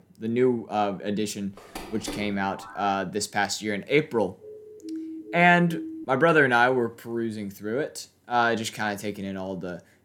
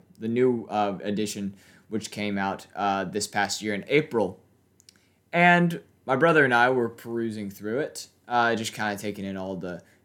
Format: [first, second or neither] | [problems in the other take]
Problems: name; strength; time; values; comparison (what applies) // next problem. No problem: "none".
second | phone ringing; faint; from 1.5 to 3 s; peak 10 dB below the speech // siren; faint; from 4.5 to 6 s; peak 10 dB below the speech